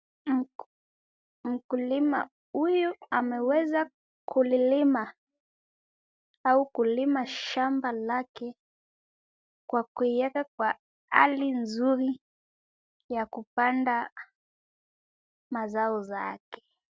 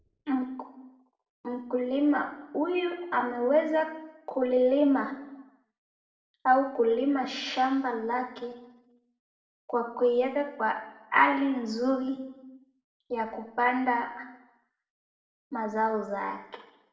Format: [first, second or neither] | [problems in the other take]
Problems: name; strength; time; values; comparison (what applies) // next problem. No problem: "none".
first | room echo; dies away in 0.7 s